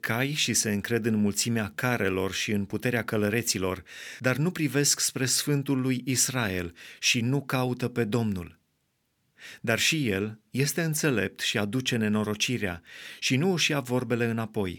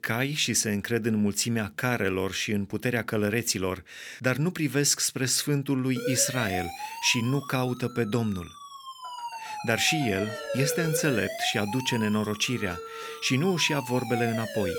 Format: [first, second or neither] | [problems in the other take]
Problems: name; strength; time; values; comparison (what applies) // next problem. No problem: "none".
first | siren; noticeable; from 6 s on; peak 4 dB below the speech